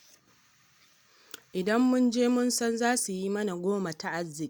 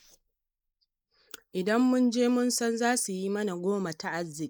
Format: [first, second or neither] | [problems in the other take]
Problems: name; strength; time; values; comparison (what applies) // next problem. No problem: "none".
first | noise reduction (neural mask model Resemble Enhance denoiser)